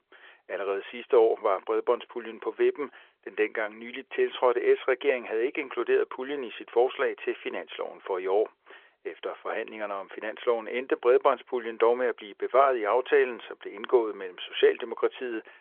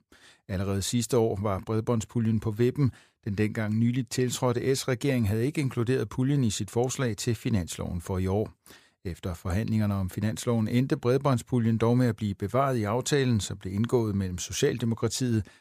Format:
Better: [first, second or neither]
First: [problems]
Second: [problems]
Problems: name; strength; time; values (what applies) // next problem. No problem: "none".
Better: second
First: phone-call audio; nothing above 3.5 kHz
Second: none